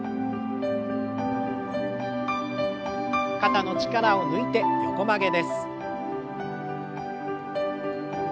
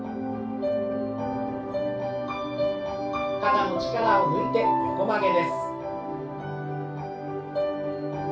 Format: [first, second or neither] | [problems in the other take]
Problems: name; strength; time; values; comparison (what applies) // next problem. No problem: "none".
first | room echo; dies away in 0.2 s